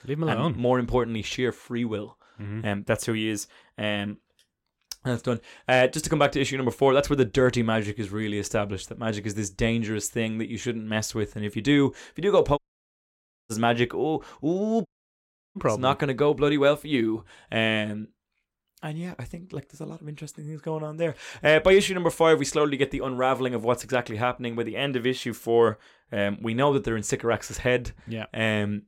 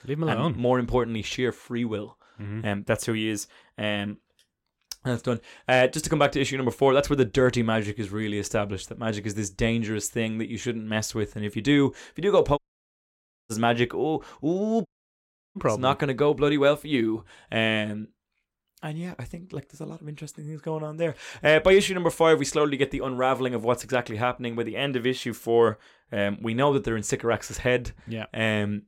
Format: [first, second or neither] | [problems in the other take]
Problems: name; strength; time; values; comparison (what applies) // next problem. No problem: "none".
neither | audio cutting out; at 13 s for 1 s and at 15 s for 0.5 s; the same in both